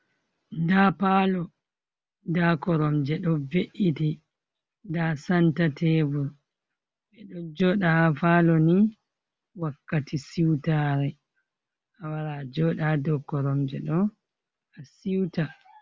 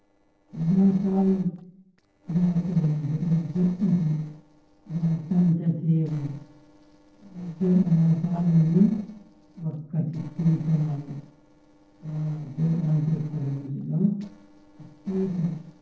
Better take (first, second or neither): first